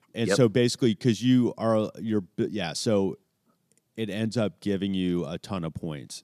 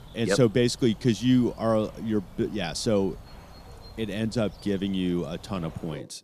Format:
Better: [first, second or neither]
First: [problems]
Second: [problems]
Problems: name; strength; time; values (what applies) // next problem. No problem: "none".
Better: first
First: none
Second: animal sounds; faint; throughout; 20 dB below the speech